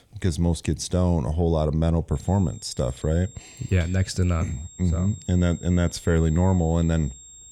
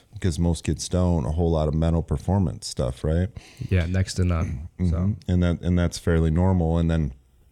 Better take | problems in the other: second | high-pitched whine; noticeable; from 2 s on; 7.5 kHz, 20 dB below the speech

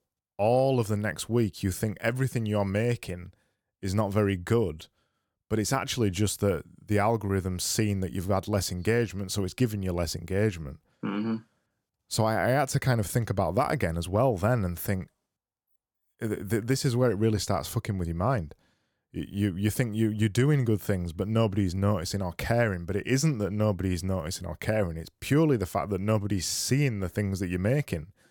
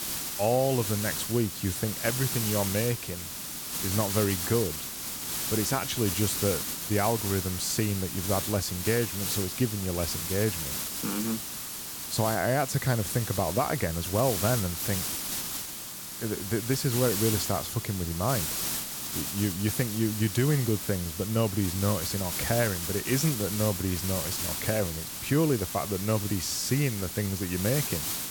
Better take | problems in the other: first | hiss; loud; throughout; 2 dB below the speech

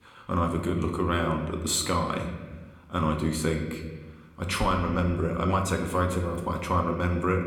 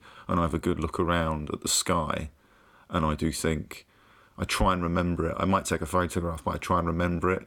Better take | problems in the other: second | room echo; slight; dies away in 1.2 s

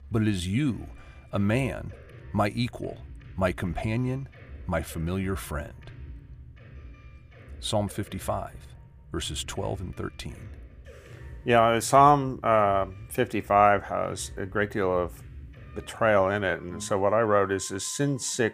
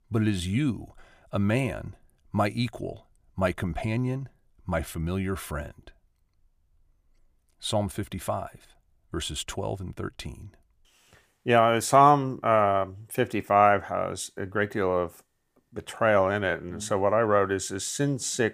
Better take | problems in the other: second | background music; faint; throughout; 20 dB below the speech

